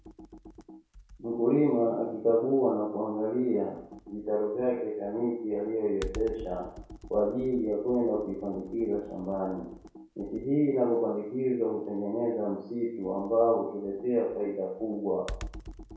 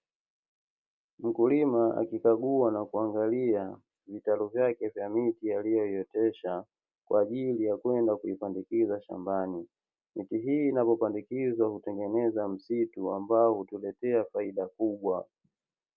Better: second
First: background sound (Computer keyboard); 18 dB below the speech // room echo; dies away in 0.6 s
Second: none

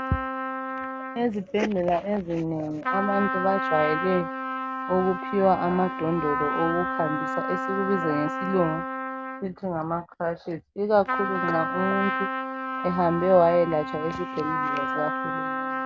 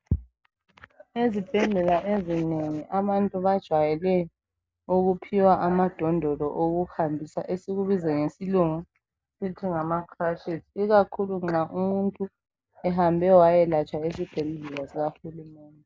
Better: second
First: background sound (Trumpet); 4 dB below the speech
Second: none

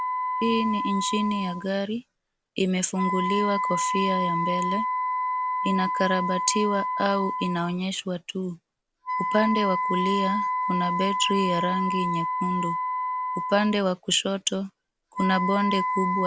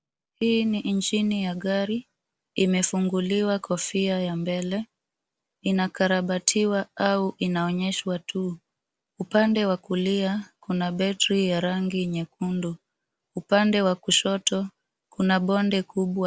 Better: second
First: background sound (Wind instrument, woodwind instrument); 1 dB below the speech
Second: none

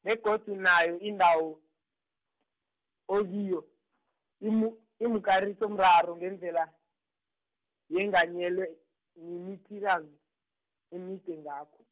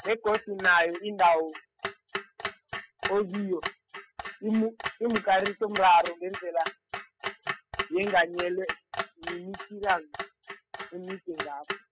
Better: first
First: none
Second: noise reduction (classical method spectral subtraction)

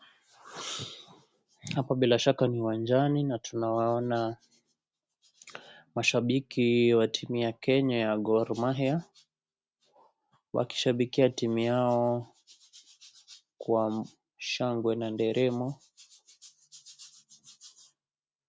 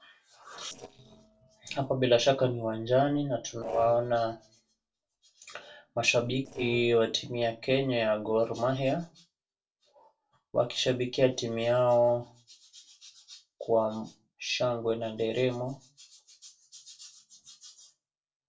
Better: first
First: none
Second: noise reduction (neural separator model SepFormer DNS4)

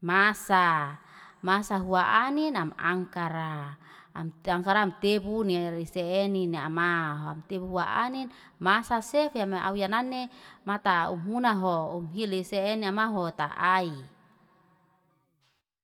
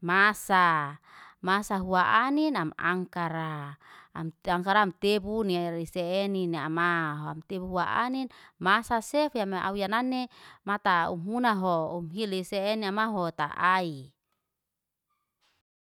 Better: second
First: room echo; dies away in 1.3 s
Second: none

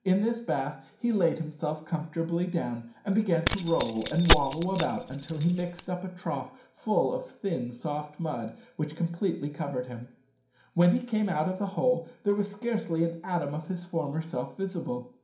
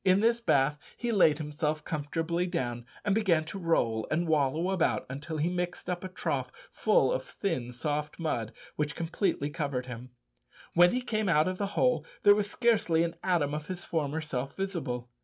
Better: second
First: background sound (Keys jangling); as loud as the speech // room echo; dies away in 0.5 s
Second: none

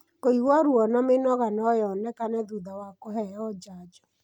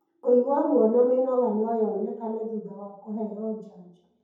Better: first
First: none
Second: room echo; dies away in 0.7 s

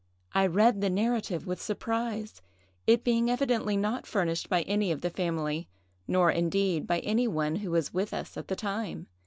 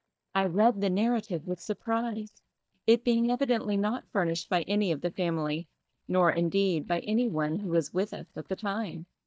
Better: first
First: none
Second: noise reduction (neural mask model DeepFilterNet 3)

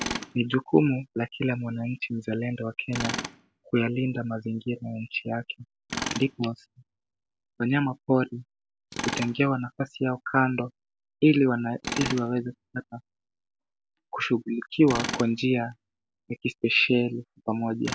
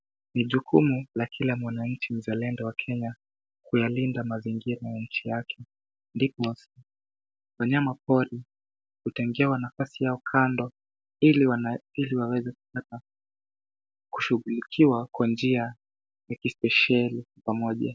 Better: second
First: background sound (Tools); 12 dB below the speech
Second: none

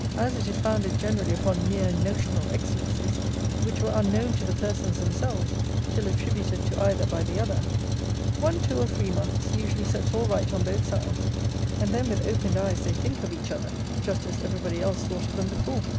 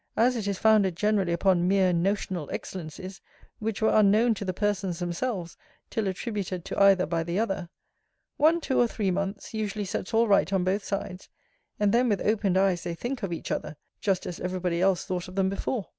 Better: second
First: background sound (Truck); 5 dB above the speech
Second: none

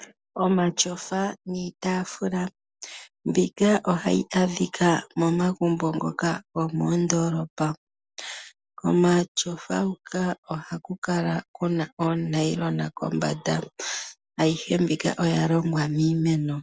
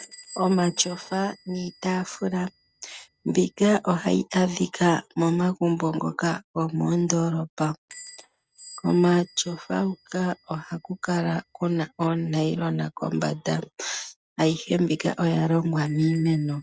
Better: first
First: none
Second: noise reduction (neural mask model RNNoise)

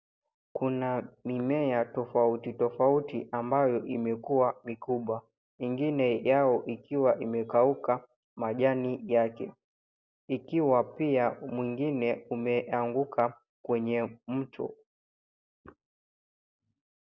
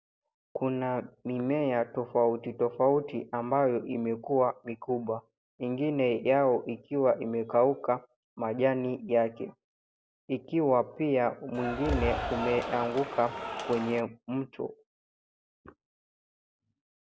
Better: first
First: none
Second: background sound (Cheering); 4 dB below the speech

